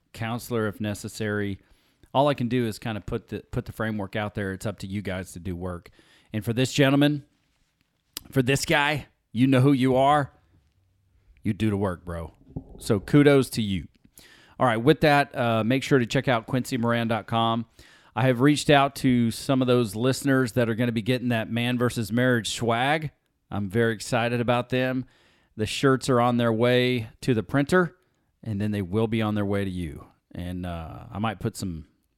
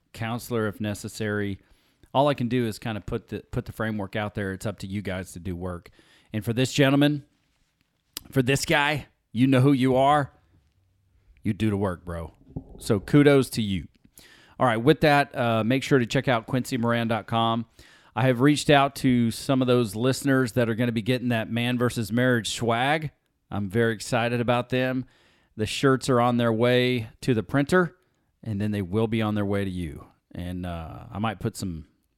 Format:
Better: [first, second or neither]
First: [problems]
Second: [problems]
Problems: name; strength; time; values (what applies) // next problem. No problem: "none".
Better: neither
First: none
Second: none